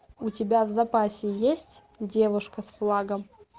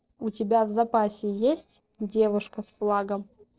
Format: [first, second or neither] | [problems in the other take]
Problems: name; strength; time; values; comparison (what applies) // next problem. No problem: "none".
first | noise reduction (neural separator model SepFormer DNS4)